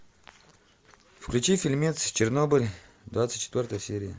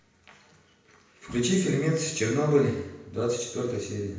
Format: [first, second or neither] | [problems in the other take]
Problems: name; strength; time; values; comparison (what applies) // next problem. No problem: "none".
first | room echo; dies away in 0.8 s